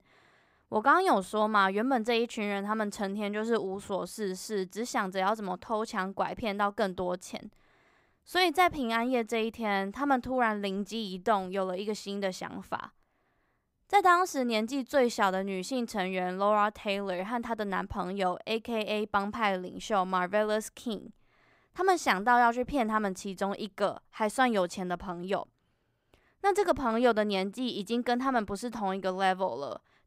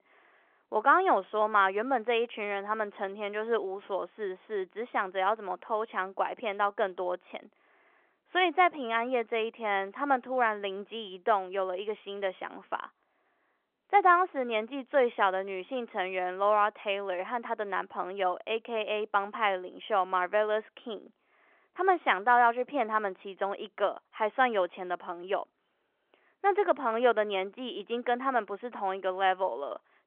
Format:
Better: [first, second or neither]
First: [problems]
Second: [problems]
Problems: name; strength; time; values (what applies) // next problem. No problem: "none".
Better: first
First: none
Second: phone-call audio; nothing above 3.5 kHz